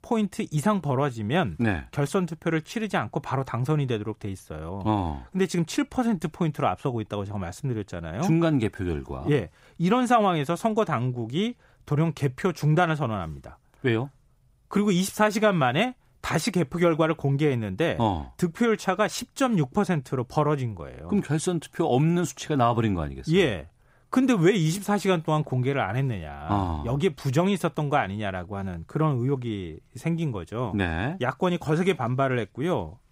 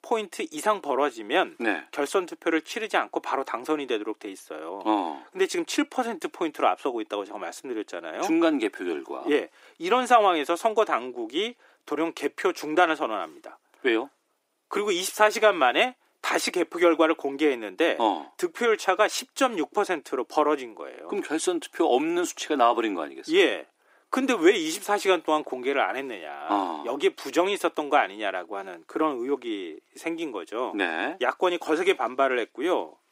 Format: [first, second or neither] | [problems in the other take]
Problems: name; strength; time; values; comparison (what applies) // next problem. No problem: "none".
first | thin; somewhat; fading below 300 Hz